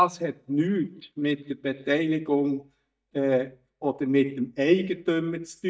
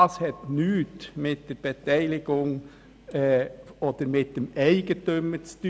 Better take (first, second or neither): second